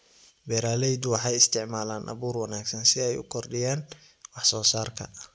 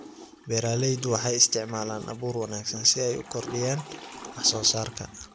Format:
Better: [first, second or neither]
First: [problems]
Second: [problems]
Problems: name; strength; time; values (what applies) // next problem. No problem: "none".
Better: first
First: none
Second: background sound (Toilet flush / Water); 15 dB below the speech